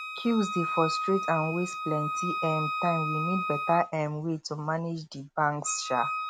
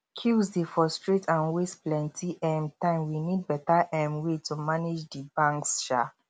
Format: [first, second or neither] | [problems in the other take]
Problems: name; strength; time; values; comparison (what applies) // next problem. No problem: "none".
second | background sound (Wind instrument, woodwind instrument); 4 dB below the speech